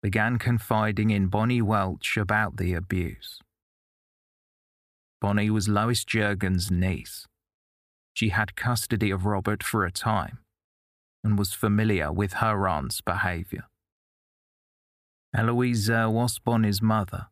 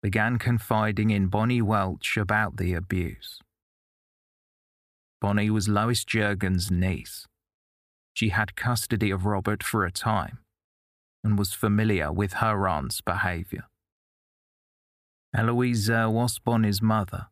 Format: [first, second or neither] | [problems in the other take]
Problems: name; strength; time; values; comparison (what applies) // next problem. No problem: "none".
neither | none